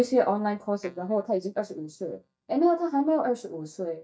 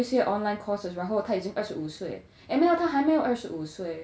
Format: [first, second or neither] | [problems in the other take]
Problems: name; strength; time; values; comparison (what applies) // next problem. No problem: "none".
second | noise reduction (neural mask model DeepFilterNet 3)